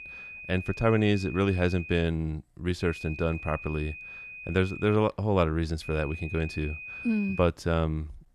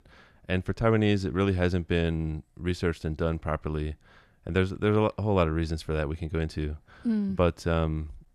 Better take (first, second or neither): second